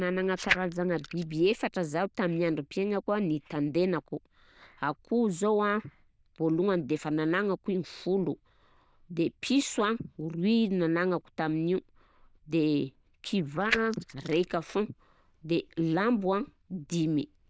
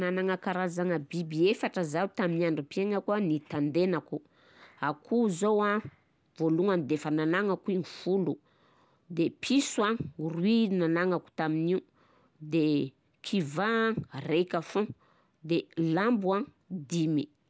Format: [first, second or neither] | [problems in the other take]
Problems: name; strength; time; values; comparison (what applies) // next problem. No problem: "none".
second | noise reduction (neural diffusion model UNIVERSE++)